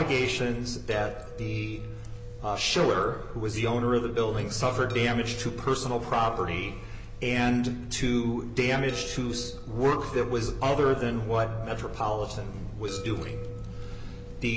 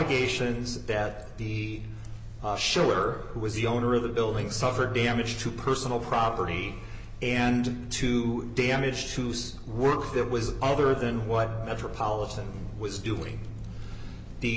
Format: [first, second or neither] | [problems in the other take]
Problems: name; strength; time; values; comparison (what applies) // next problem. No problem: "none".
second | background sound (Chime); 19 dB below the speech